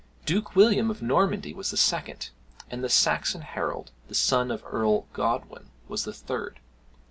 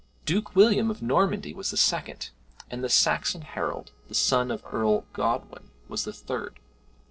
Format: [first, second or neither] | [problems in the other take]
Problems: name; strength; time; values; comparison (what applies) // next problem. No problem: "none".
first | noise reduction (neural separator model SepFormer DNS4)